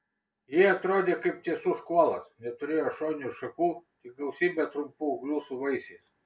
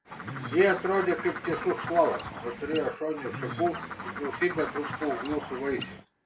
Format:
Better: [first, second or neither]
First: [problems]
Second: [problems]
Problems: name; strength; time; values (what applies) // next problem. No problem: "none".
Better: first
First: none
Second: background sound (Bird); 8 dB below the speech